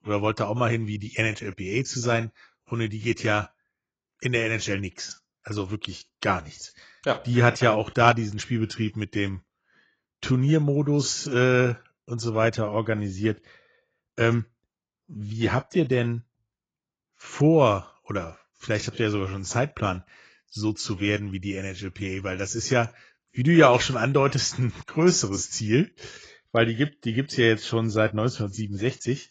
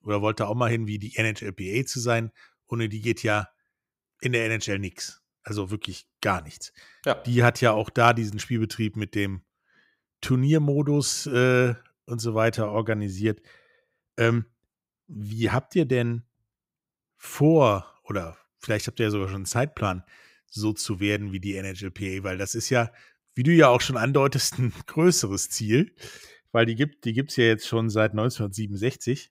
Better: second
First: garbled, watery; badly; nothing above 7.5 kHz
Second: none

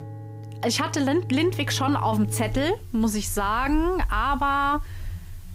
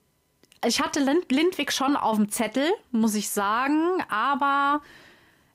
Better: second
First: background music; loud; throughout; 10 dB below the speech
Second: none

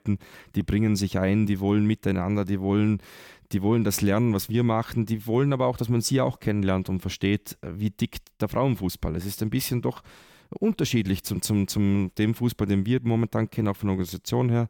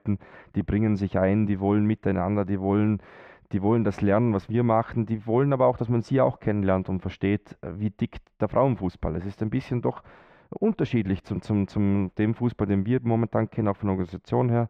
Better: first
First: none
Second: muffled; very; fading above 1.5 kHz

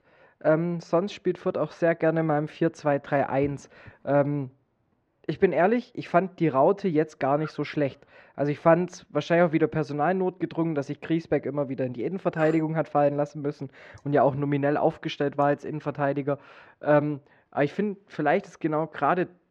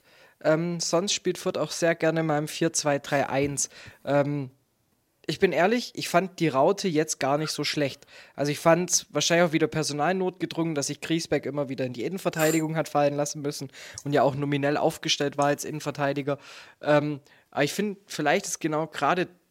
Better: second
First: muffled; very; fading above 1.5 kHz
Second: none

